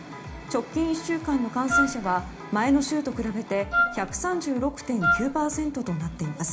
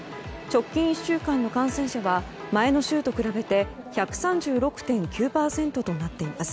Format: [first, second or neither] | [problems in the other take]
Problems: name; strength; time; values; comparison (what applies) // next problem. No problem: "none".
second | background sound (Wind instrument, woodwind instrument); as loud as the speech // room echo; dies away in 0.4 s